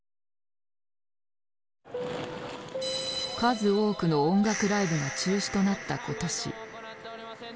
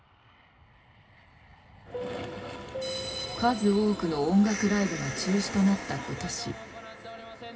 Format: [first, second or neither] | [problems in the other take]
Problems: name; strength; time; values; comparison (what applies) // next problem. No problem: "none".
first | background sound (Aircraft); 15 dB below the speech // room echo; dies away in 0.4 s